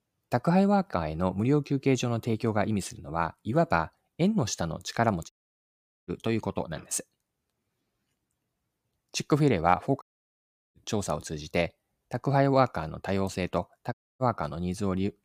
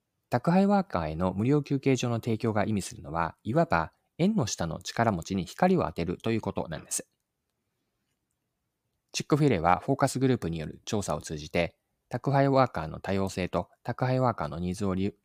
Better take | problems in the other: second | audio cutting out; at 5.5 s for 1 s, at 10 s for 0.5 s and at 14 s

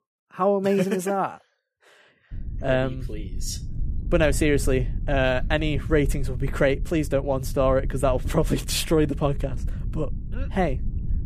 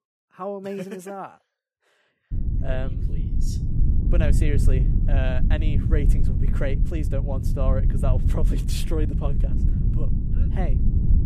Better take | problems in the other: first | low rumble; loud; from 2.5 s on; 5 dB below the speech; faint in the first

